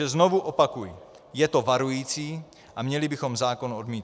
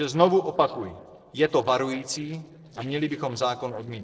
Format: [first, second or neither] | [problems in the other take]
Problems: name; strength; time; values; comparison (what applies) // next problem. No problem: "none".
first | noise reduction (neural separator model SepFormer DNS4)